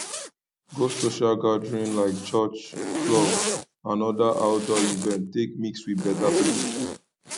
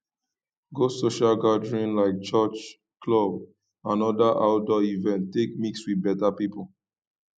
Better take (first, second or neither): second